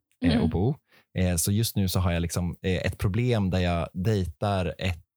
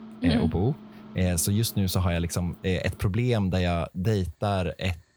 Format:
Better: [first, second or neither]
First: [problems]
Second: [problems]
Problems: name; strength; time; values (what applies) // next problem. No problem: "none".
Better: first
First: none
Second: household noises; faint; throughout; 20 dB below the speech